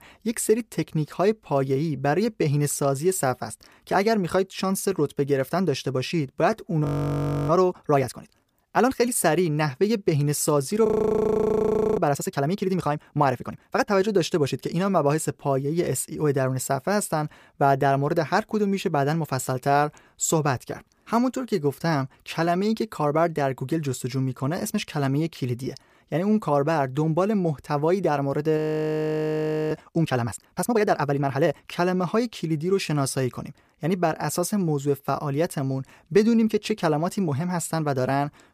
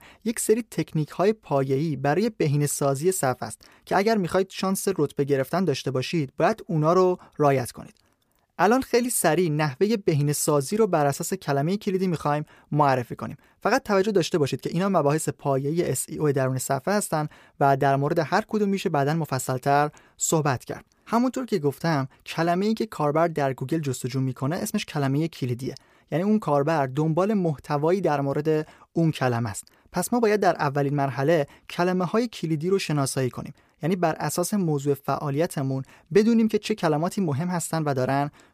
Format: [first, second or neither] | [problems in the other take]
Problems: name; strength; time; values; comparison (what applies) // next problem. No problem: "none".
second | audio freezing; at 7 s for 0.5 s, at 11 s for 1 s and at 29 s for 1 s